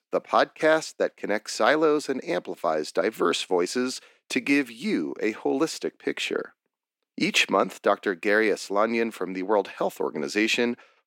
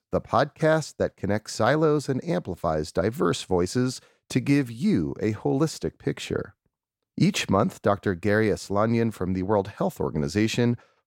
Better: second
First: thin; very slightly; fading below 250 Hz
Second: none

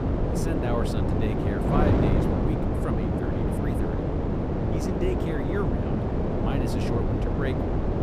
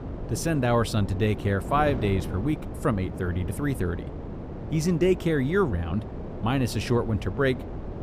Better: second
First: wind noise on the microphone; heavy; 5 dB above the speech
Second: wind noise on the microphone; occasional gusts; 10 dB below the speech

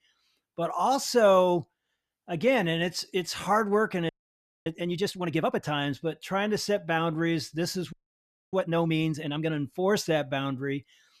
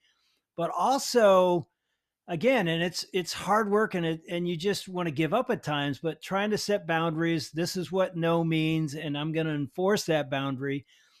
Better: second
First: audio freezing; at 4 s for 0.5 s and at 8 s for 0.5 s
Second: none

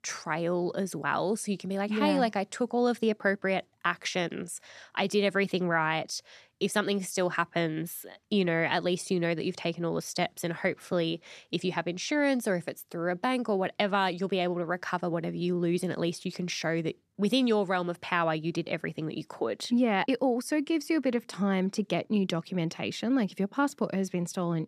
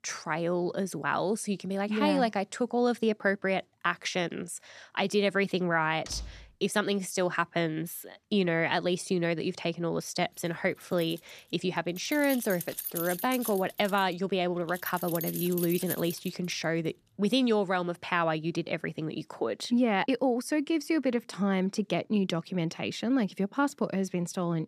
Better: first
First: none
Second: door banging; faint; at 6 s; peak 15 dB below the speech // jangling keys; noticeable; from 11 to 17 s; peak 4 dB below the speech

